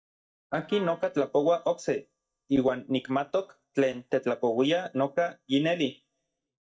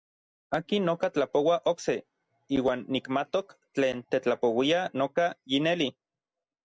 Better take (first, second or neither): second